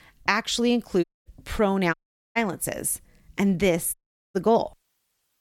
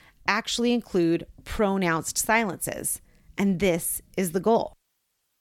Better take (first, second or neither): second